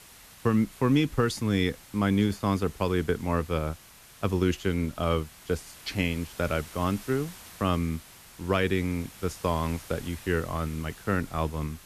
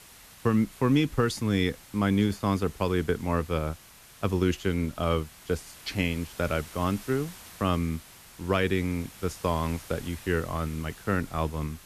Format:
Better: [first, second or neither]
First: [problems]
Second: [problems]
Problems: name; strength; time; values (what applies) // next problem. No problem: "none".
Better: neither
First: hiss; noticeable; throughout; 20 dB below the speech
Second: hiss; noticeable; throughout; 20 dB below the speech